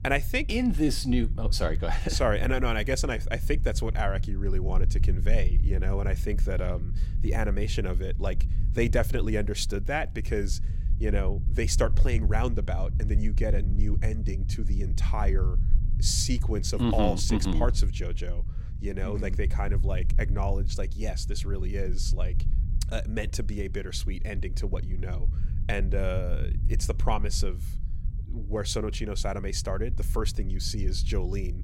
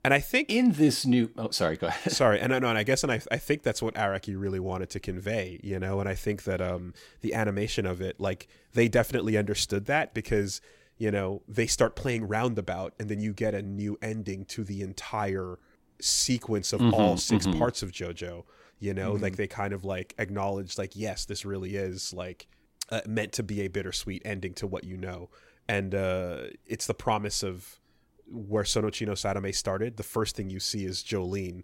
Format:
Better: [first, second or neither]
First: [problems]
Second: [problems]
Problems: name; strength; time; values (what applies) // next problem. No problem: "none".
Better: second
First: low rumble; noticeable; throughout; 15 dB below the speech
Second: none